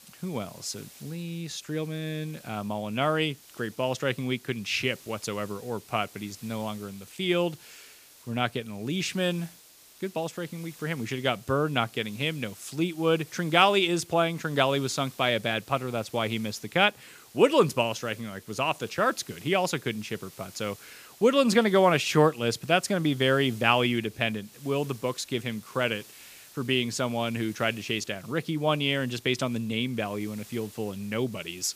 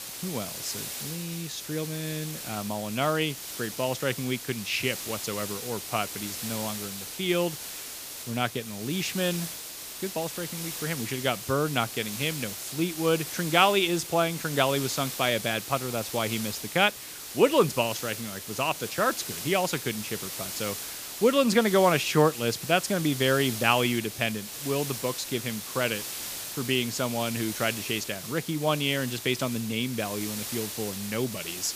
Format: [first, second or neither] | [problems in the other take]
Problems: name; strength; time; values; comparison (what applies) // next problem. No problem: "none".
first | hiss; loud; throughout; 7 dB below the speech; faint in the first